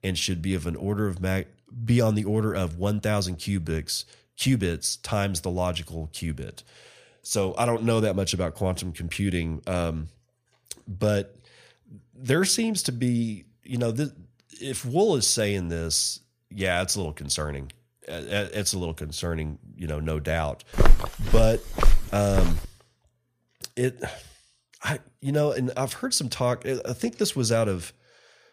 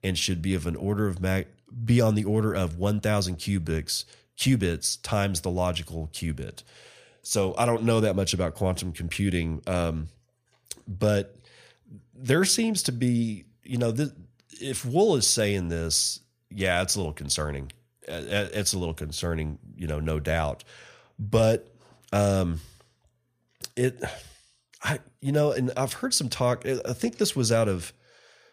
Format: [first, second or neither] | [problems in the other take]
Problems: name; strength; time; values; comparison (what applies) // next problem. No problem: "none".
second | footsteps; loud; from 21 to 23 s; peak 3 dB above the speech